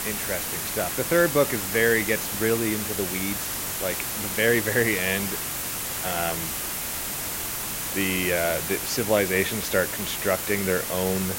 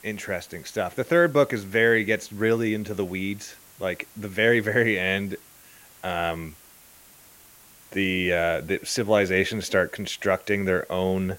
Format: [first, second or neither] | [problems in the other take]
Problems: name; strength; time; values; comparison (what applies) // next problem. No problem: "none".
second | hiss; loud; throughout; 2 dB below the speech; faint in the second